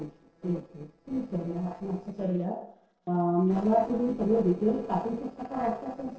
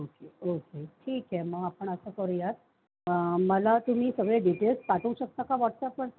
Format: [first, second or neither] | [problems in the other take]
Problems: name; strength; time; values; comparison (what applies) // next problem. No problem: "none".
second | noise reduction (neural separator model SepFormer DNS4)